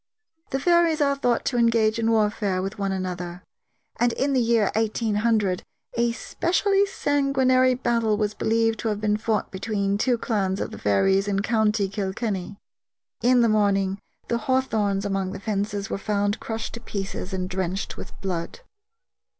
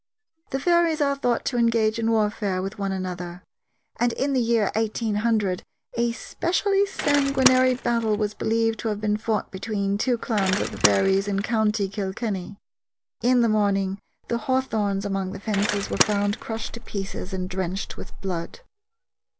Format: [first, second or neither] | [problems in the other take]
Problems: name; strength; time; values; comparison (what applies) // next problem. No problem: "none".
first | background sound (Bicycle); 7 dB below the speech